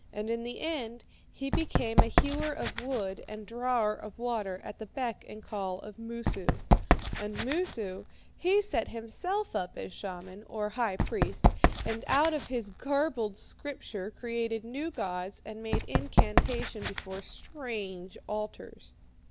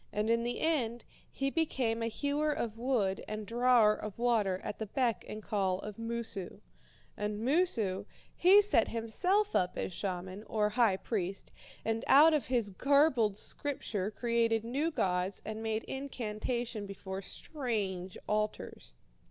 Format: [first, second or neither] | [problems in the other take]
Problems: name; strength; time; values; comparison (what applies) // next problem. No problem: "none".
second | background sound (Run); 1 dB above the speech